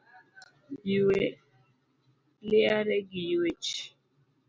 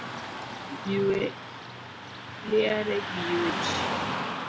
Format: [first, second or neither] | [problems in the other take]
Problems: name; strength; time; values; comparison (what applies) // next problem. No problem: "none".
first | background sound (Car passing by / Traffic noise, roadway noise); 3 dB below the speech